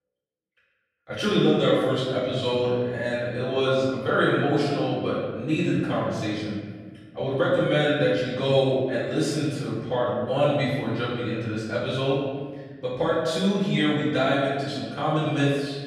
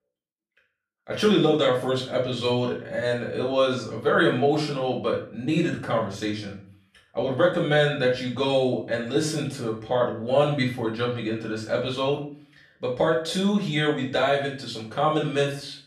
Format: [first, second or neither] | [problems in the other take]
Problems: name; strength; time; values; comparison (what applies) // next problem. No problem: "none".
second | room echo; strong; dies away in 1.5 s; slight in the second // off-mic speech; far; far in the second